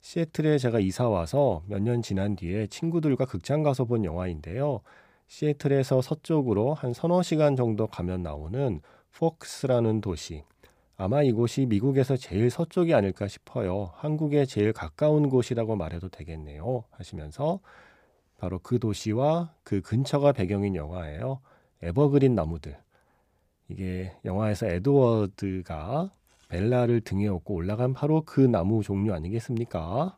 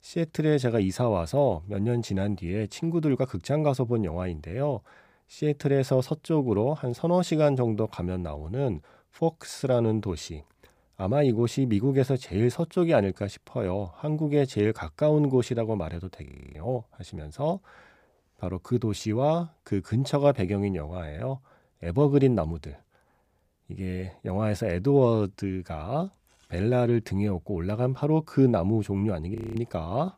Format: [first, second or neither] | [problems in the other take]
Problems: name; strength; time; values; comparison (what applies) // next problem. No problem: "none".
first | audio freezing; at 16 s and at 29 s